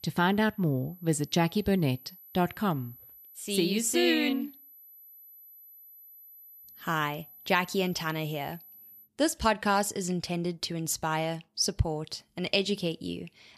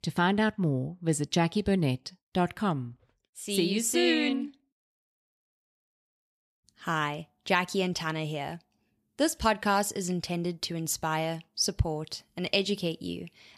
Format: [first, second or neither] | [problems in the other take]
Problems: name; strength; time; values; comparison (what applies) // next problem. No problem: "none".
second | high-pitched whine; faint; until 9 s; 12 kHz, 20 dB below the speech